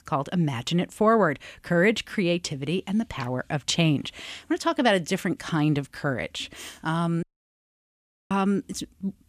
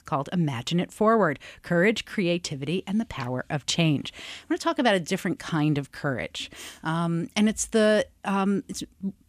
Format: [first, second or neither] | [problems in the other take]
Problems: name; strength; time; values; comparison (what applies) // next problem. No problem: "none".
second | audio cutting out; at 7 s for 1 s